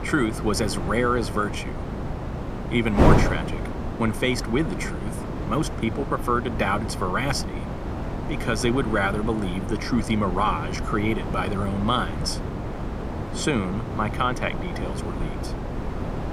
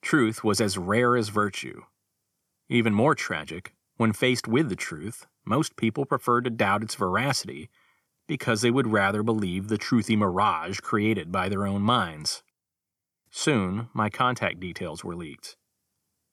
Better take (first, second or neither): second